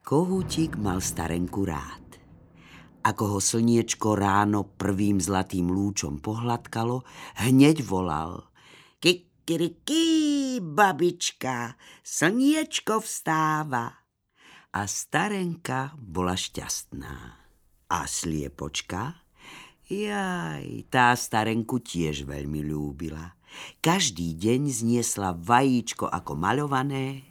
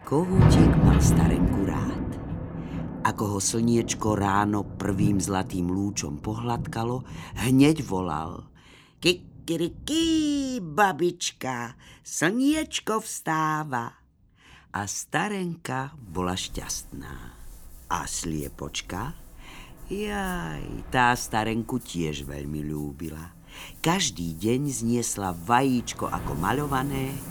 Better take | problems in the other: first | rain or running water; loud; throughout; as loud as the speech; faint in the first

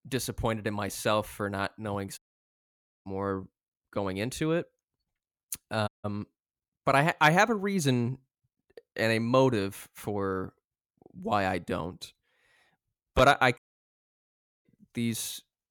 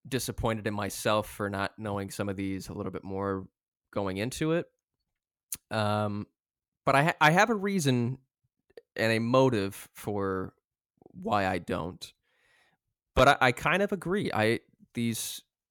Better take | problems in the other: second | audio cutting out; at 2 s for 1 s, at 6 s and at 14 s for 1 s

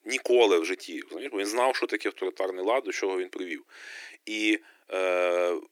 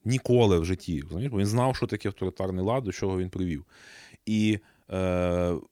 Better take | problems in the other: second | thin; very; fading below 300 Hz

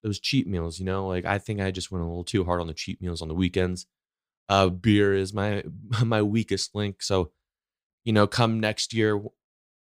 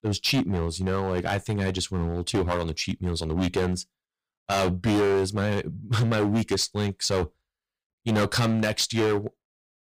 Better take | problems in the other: first | distortion; heavy; 12% of the sound clipped

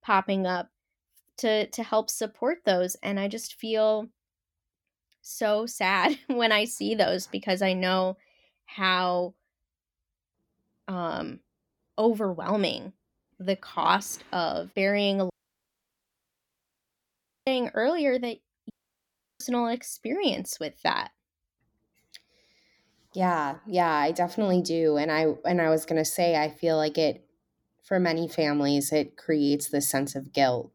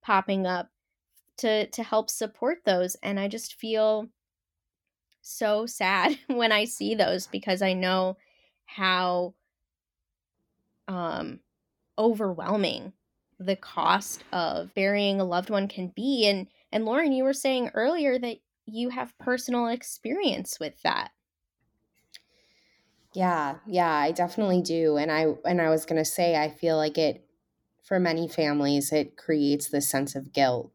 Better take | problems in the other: second | audio cutting out; at 15 s for 2 s and at 19 s for 0.5 s

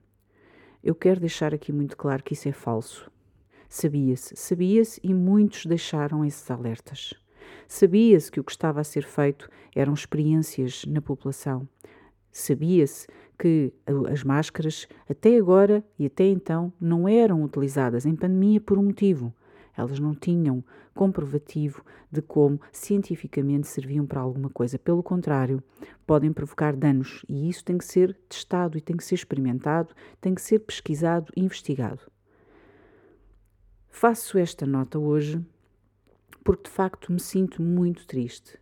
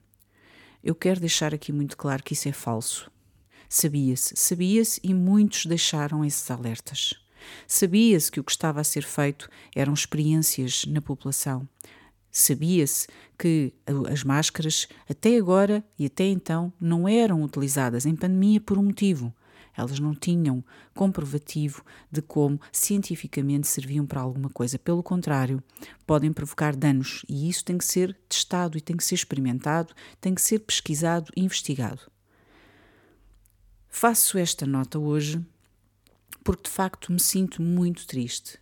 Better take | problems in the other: second | muffled; slightly; fading above 3 kHz

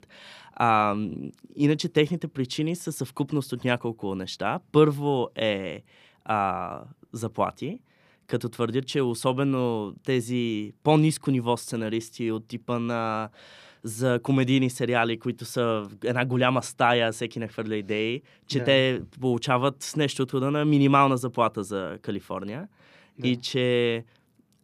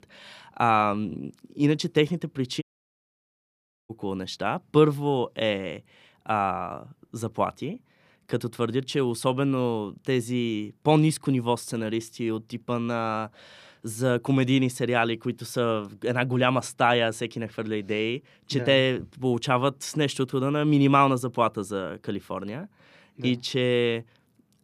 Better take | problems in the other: first | audio cutting out; at 2.5 s for 1.5 s

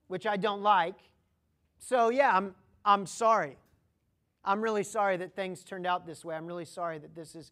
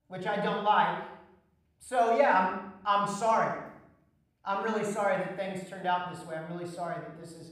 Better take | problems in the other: first | off-mic speech; somewhat distant // room echo; noticeable; dies away in 0.7 s

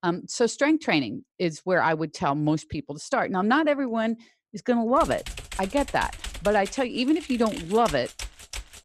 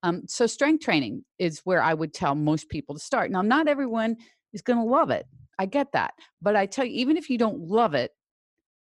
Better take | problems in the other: second | keyboard typing; faint; from 5 s on; peak 10 dB below the speech

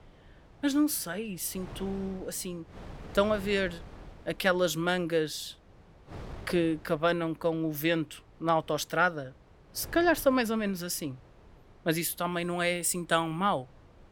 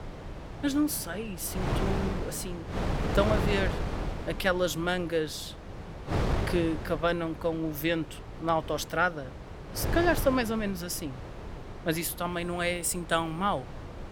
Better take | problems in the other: first | wind noise on the microphone; heavy; 9 dB below the speech; occasional gusts in the first

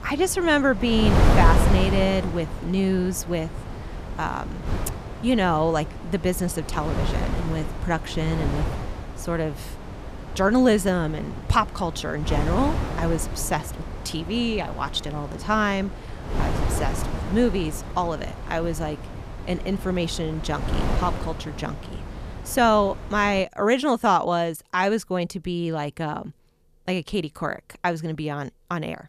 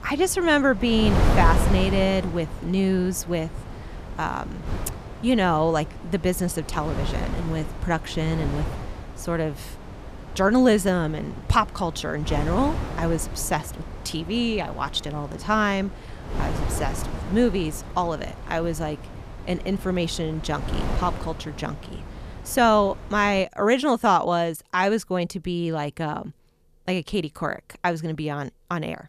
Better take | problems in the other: second | wind noise on the microphone; heavy; until 23 s; 9 dB below the speech; occasional gusts in the second

